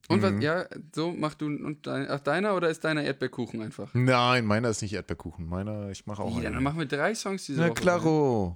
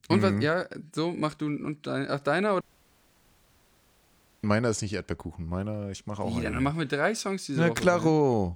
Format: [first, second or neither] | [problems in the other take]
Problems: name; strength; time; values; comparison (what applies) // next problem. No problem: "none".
first | audio cutting out; at 2.5 s for 2 s